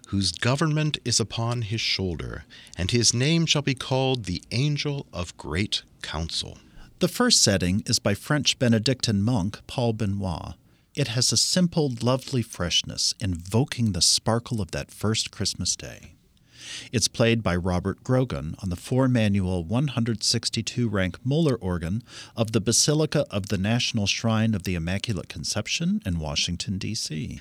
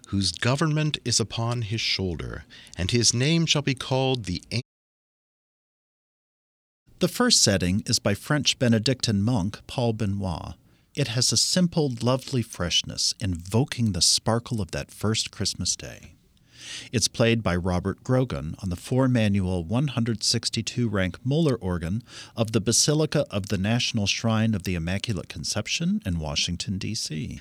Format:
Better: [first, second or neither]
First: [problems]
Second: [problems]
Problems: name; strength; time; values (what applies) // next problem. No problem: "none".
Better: first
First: none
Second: audio cutting out; at 4.5 s for 2 s